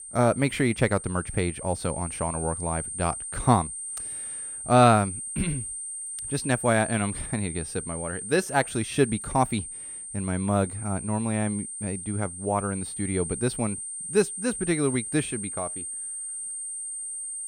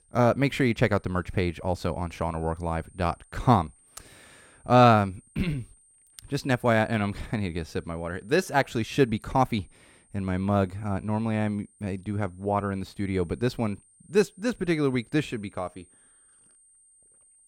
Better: second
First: high-pitched whine; loud; throughout; 9 kHz, 6 dB below the speech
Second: high-pitched whine; faint; throughout; 9 kHz, 30 dB below the speech

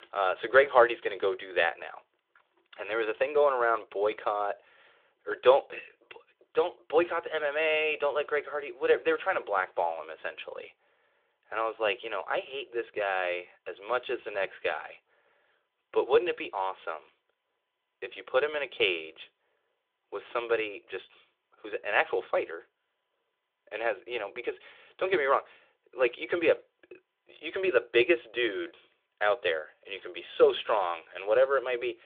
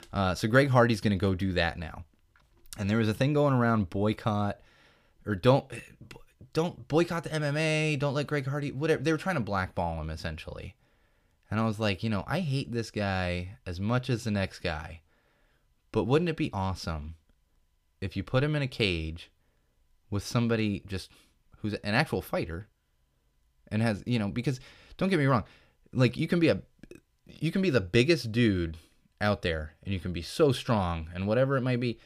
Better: second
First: phone-call audio; nothing above 3.5 kHz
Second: none

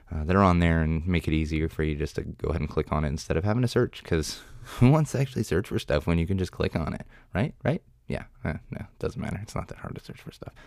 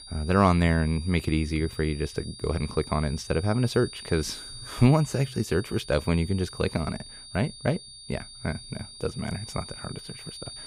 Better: first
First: none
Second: high-pitched whine; noticeable; throughout; 4.5 kHz, 15 dB below the speech

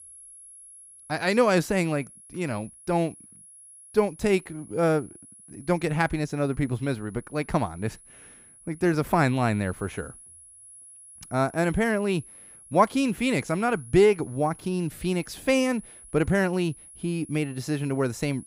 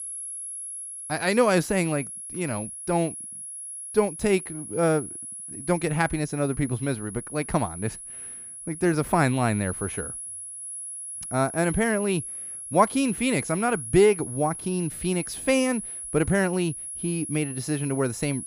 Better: first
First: high-pitched whine; faint; throughout; 10.5 kHz, 20 dB below the speech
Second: high-pitched whine; loud; throughout; 10.5 kHz, 9 dB below the speech

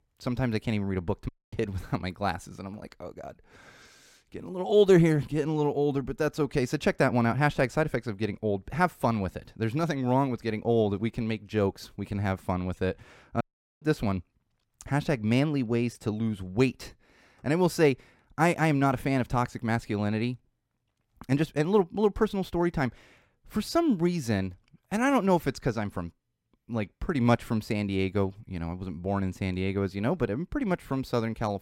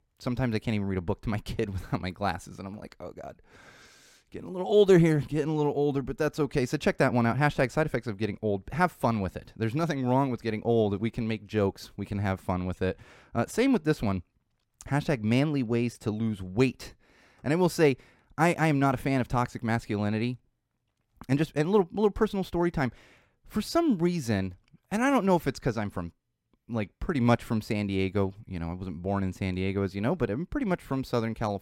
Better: second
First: audio cutting out; at 1.5 s and at 13 s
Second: none

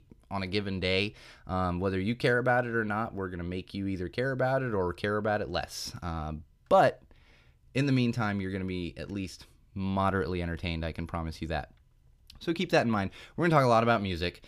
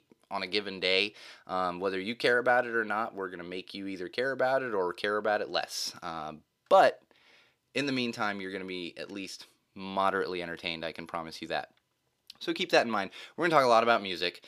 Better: first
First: none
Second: thin; somewhat; fading below 350 Hz

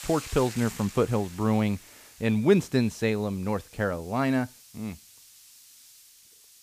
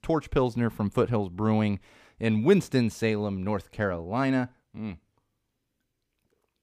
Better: second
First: hiss; noticeable; throughout; 20 dB below the speech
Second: none

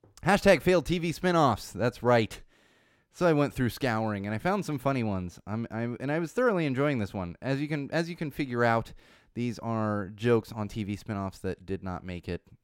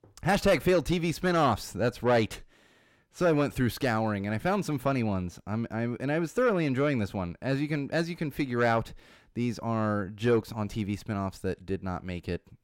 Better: first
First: none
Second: distortion; slight; 10 dB below the speech

